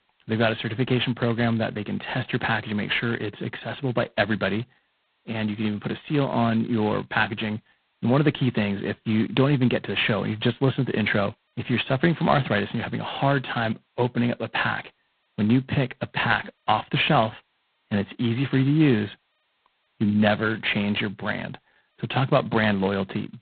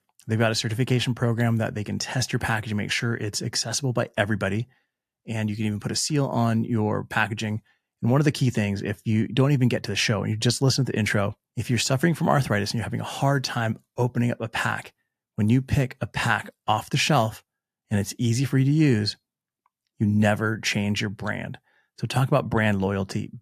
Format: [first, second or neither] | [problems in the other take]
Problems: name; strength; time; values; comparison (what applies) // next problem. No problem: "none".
second | phone-call audio; poor line; nothing above 4 kHz